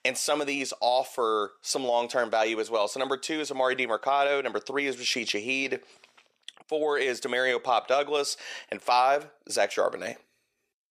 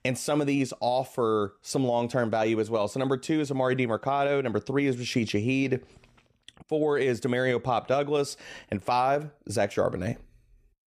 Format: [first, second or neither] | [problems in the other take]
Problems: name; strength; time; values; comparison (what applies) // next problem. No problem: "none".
second | thin; somewhat; fading below 550 Hz